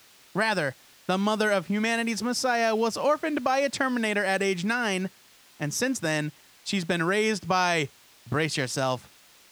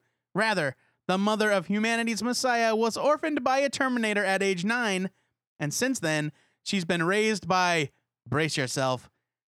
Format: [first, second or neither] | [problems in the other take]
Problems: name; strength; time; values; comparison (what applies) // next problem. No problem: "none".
second | hiss; faint; throughout; 25 dB below the speech